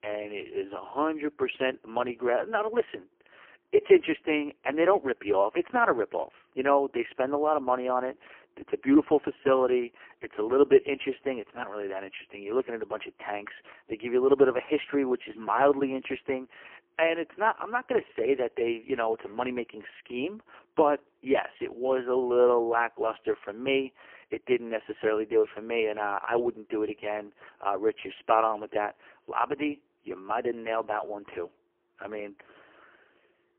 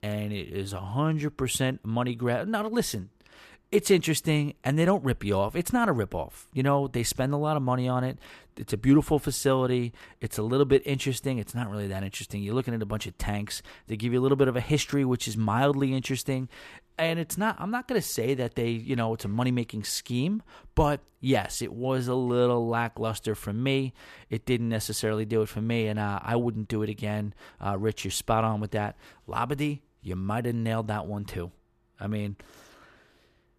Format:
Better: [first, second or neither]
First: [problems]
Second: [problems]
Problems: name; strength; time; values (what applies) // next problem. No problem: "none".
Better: second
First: phone-call audio; poor line; nothing above 3 kHz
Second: none